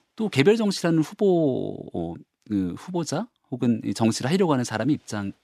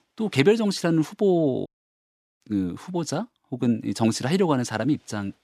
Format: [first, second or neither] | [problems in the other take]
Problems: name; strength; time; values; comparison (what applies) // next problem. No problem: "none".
first | audio cutting out; at 1.5 s for 0.5 s